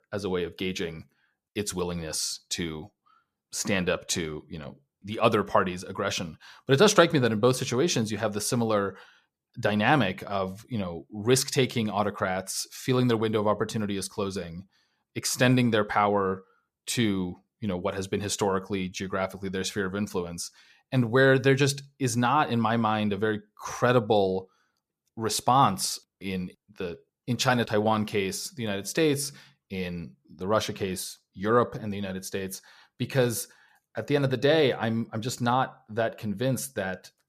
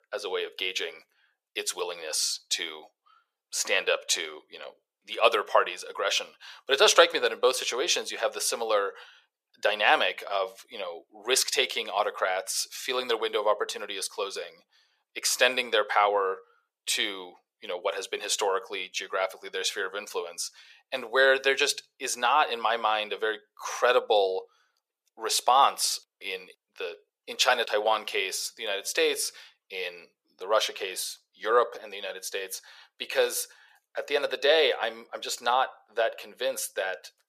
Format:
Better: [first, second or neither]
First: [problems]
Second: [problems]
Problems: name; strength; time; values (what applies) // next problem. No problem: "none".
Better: first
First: none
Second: thin; very; fading below 500 Hz